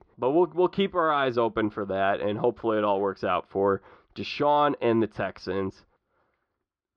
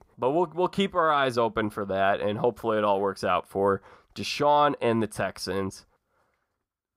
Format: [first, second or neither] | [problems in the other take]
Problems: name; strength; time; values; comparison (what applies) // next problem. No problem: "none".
second | muffled; very slightly; fading above 4 kHz